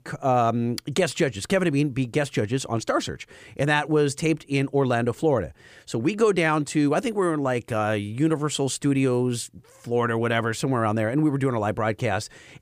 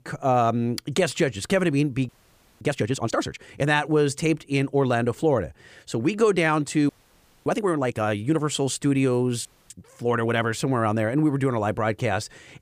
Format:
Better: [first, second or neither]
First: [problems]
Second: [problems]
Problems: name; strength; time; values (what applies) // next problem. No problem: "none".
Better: first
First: none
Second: audio freezing; at 2 s for 0.5 s, at 7 s for 0.5 s and at 9.5 s